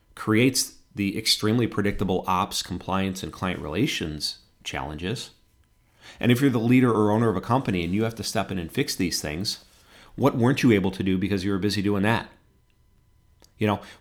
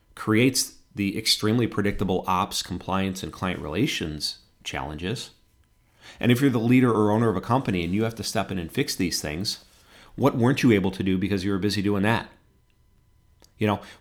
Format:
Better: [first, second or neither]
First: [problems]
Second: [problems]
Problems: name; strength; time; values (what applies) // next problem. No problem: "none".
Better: neither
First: none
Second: none